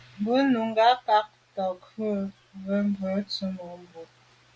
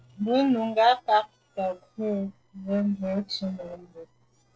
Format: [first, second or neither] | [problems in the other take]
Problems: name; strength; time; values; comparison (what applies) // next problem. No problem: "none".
first | noise reduction (neural separator model SepFormer DNS4)